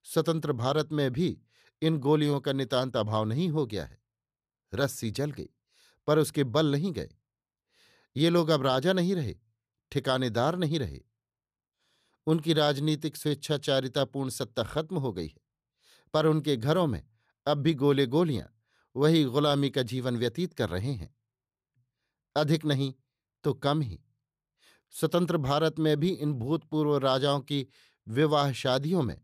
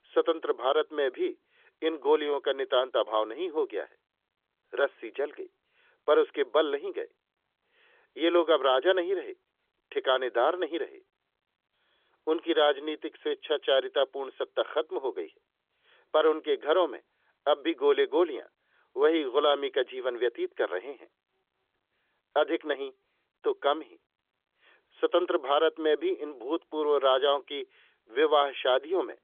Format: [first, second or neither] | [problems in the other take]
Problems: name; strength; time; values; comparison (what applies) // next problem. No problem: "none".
first | phone-call audio; nothing above 3.5 kHz